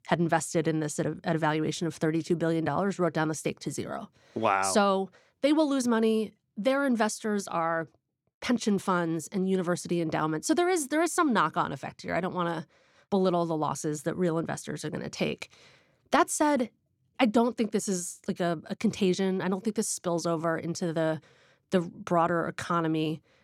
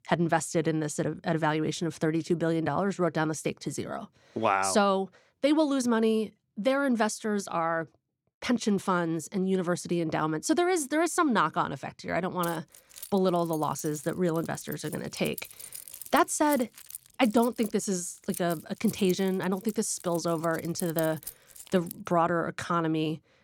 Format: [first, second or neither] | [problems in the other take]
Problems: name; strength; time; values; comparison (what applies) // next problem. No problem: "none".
first | jangling keys; noticeable; from 12 to 22 s; peak 9 dB below the speech